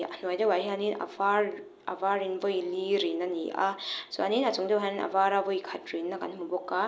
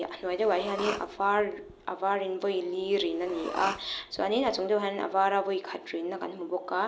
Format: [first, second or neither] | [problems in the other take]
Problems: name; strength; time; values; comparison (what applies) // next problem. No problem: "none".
first | background sound (Respiratory sounds); 12 dB below the speech